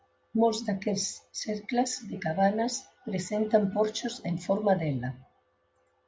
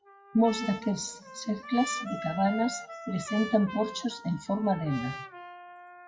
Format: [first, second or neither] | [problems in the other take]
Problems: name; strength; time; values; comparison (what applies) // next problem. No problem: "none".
first | noise reduction (classical method WPE with log-MMSE)